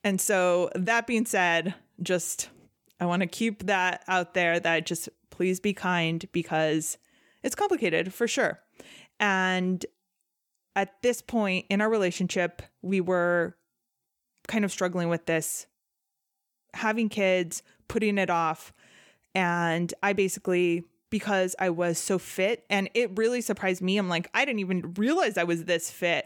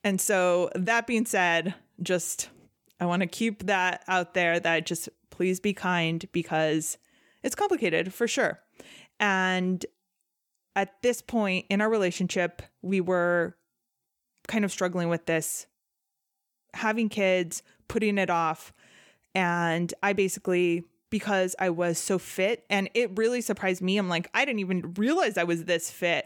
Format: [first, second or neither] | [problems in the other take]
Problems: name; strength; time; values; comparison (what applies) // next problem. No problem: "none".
neither | none